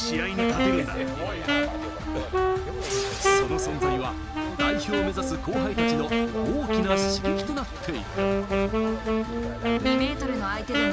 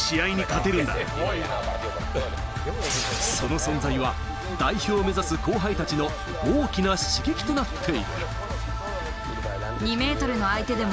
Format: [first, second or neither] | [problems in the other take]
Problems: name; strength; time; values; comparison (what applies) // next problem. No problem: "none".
second | background sound (Wind instrument, woodwind instrument); 3 dB above the speech